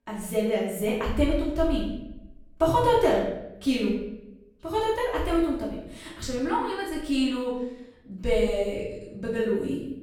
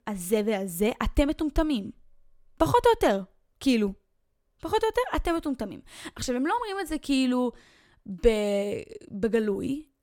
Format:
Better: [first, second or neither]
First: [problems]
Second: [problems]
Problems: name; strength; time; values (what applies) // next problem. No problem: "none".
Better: second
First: room echo; noticeable; dies away in 0.8 s // off-mic speech; far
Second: none